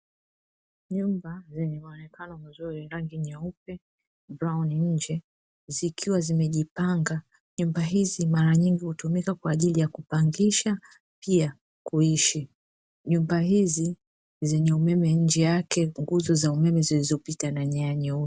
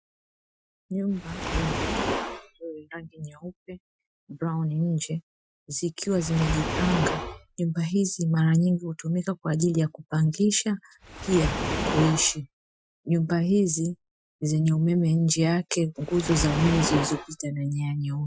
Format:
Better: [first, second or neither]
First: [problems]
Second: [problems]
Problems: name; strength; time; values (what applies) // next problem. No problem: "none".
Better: first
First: none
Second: noise reduction (classical method Wiener filter)